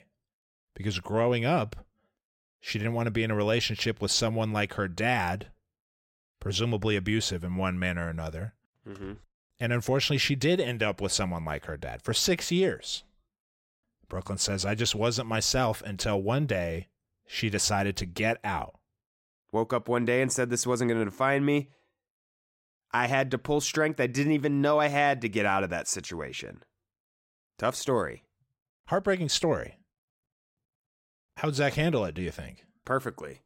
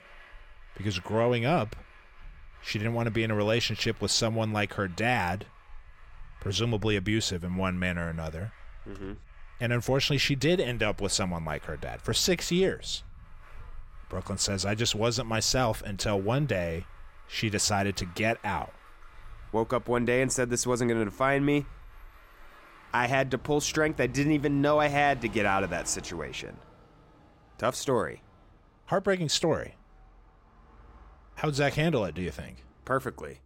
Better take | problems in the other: first | traffic noise; faint; throughout; 25 dB below the speech

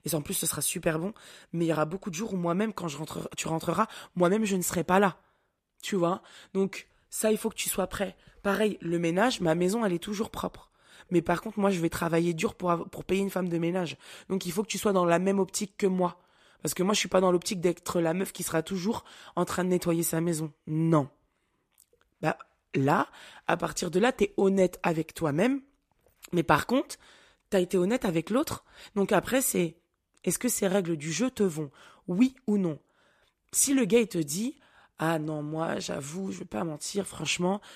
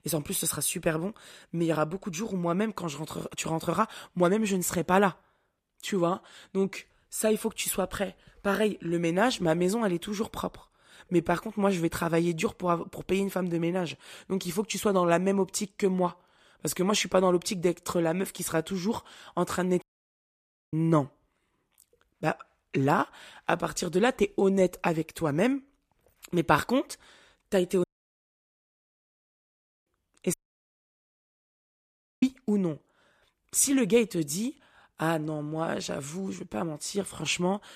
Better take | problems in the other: first | audio cutting out; at 20 s for 1 s, at 28 s for 2 s and at 30 s for 2 s

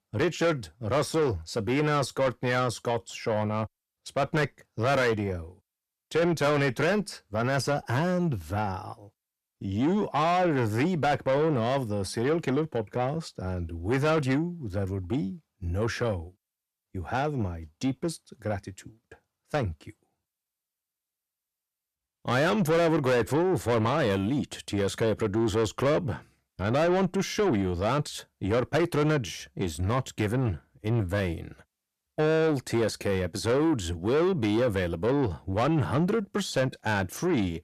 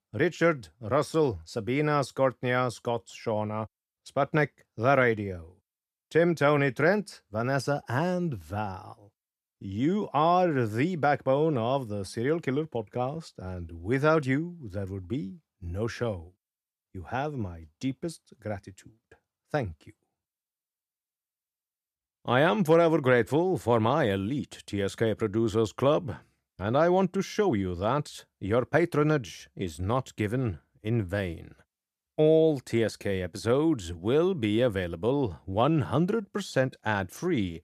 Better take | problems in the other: second | distortion; heavy; 8 dB below the speech

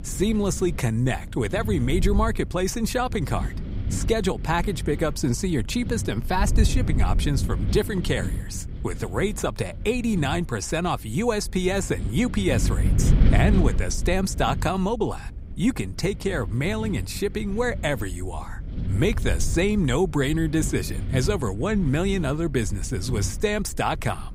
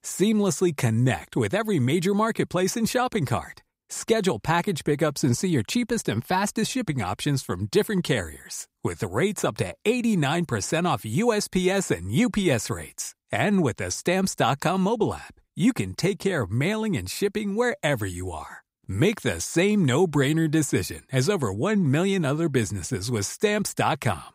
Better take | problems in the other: second | wind noise on the microphone; occasional gusts; 15 dB below the speech

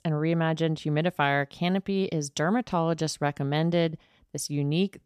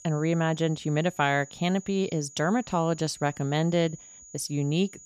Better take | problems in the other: first | high-pitched whine; noticeable; throughout; 7 kHz, 20 dB below the speech

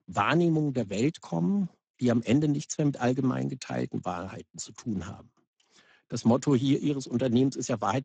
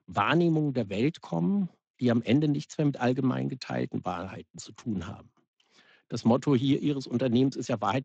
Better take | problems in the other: second | garbled, watery; badly; nothing above 7.5 kHz; slightly in the second

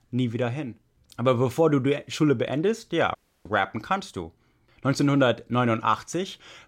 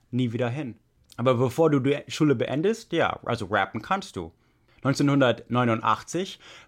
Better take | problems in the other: second | audio cutting out; at 3 s

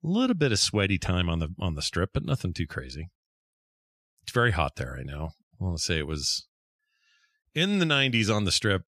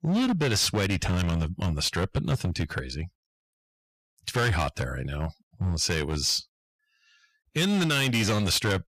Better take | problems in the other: first | distortion; heavy; 13% of the sound clipped

